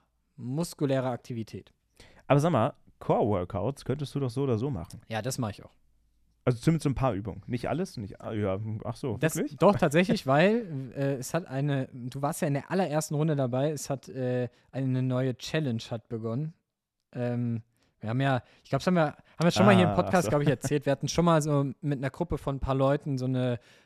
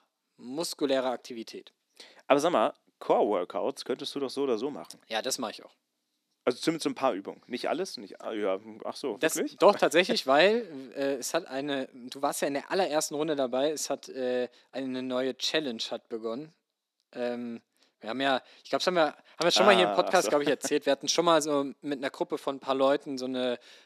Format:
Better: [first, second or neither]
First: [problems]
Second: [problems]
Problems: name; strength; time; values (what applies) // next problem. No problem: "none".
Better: first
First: none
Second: thin; somewhat; fading below 300 Hz